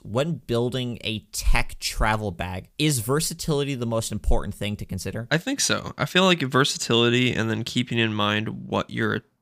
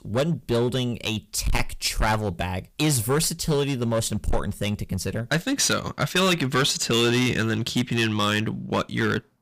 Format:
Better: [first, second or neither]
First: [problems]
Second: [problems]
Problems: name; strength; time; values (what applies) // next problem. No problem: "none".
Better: first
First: none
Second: distortion; heavy; 10% of the sound clipped